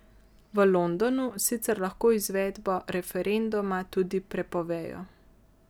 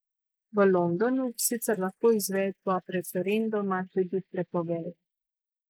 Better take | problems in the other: first | noise reduction (neural mask model Resemble Enhance denoiser)

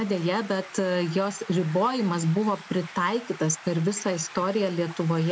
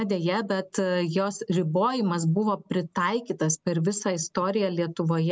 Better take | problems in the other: second | background sound (Stream); 18 dB below the speech

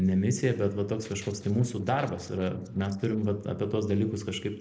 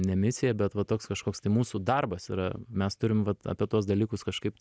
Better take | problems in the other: second | noise reduction (neural separator model SepFormer DNS4)

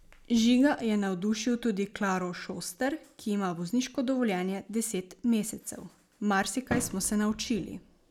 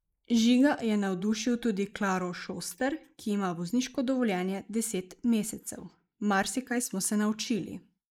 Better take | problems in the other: first | noise reduction (neural mask model Resemble Enhance denoiser)

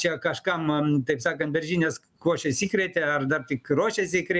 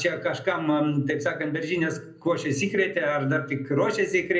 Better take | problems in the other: first | room echo; dies away in 0.5 s

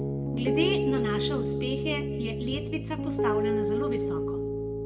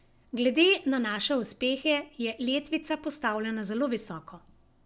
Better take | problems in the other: second | background sound (Piano); 5 dB above the speech // room echo; dies away in 1.1 s

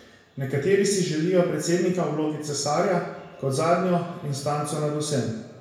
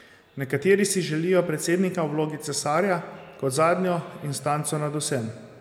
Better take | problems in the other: second | room echo; dies away in 0.7 s

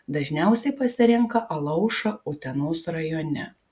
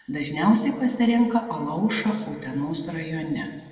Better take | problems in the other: first | room echo; dies away in 1.9 s

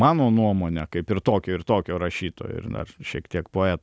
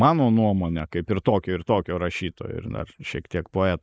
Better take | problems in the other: first | noise reduction (neural mask model Resemble Enhance denoiser)

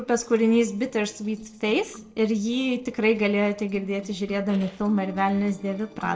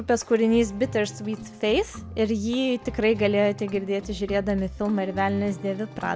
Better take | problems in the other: second | noise reduction (neural separator model SepFormer DNS4)

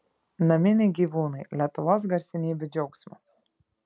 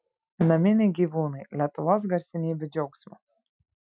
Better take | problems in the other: first | noise reduction (classical method Wiener filter)

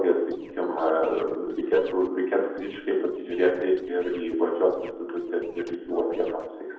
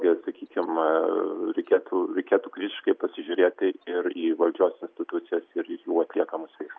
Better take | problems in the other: second | noise reduction (neural separator model SepFormer DNS4)

